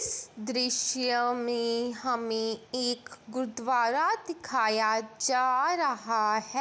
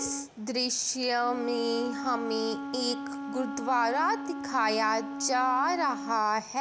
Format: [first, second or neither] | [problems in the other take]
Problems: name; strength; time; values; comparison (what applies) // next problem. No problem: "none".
first | background sound (Wind instrument, woodwind instrument); 8 dB below the speech